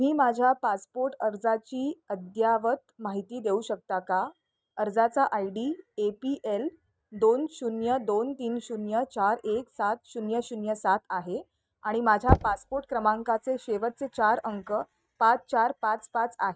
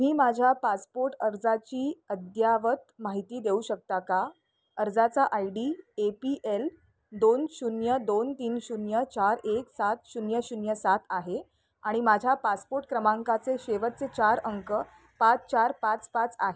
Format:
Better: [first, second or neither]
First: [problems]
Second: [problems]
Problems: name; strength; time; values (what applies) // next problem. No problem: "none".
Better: second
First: noise reduction (neural mask model RNNoise)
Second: none